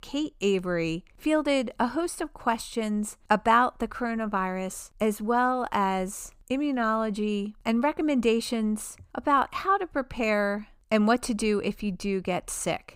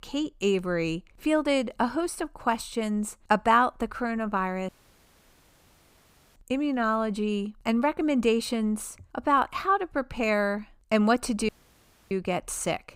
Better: first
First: none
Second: audio cutting out; at 4.5 s for 1.5 s and at 11 s for 0.5 s

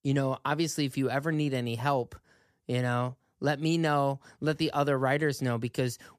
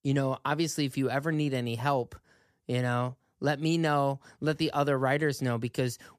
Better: neither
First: none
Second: none

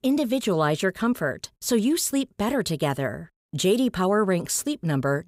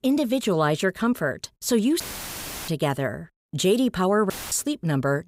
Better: first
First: none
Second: audio cutting out; filled with static; at 2 s for 0.5 s and at 4.5 s

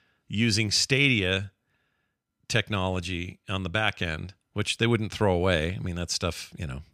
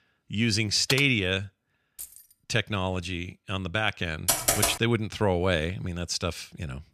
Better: first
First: none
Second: keyboard typing; noticeable; at 1 s; peak 4 dB below the speech // jangling keys; faint; at 2 s; peak 15 dB below the speech // keyboard typing; loud; at 4.5 s; peak 4 dB above the speech

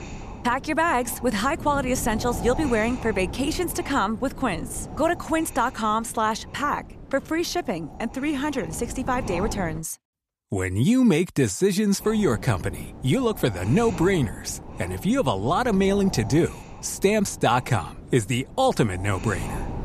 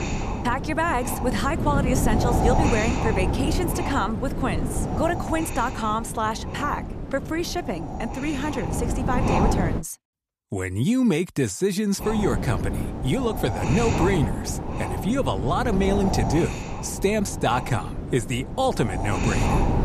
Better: first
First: wind noise on the microphone; occasional gusts; until 10 s and from 12 s on; 15 dB below the speech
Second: wind noise on the microphone; heavy; until 10 s and from 12 s on; 4 dB below the speech

